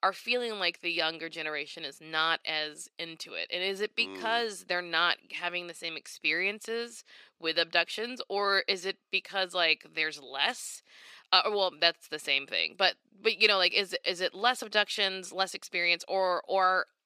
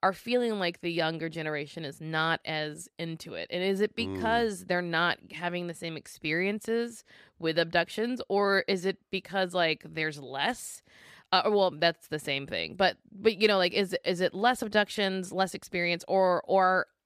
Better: second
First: thin; somewhat; fading below 350 Hz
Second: none

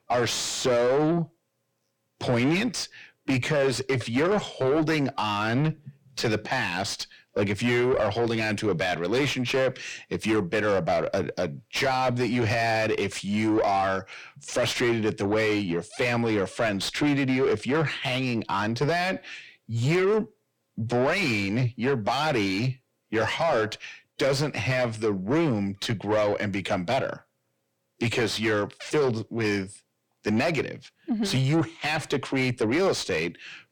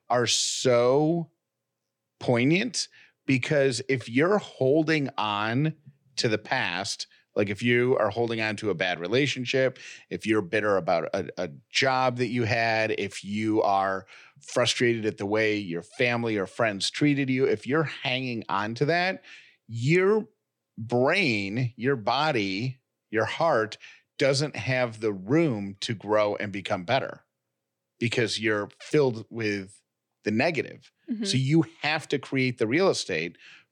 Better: second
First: distortion; heavy; 8 dB below the speech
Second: none

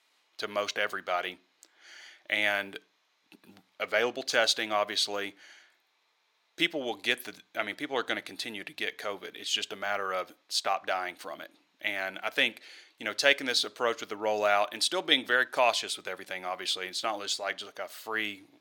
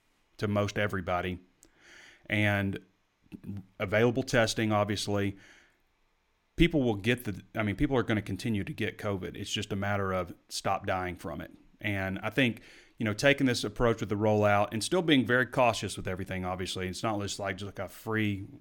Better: second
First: thin; very; fading below 550 Hz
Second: none

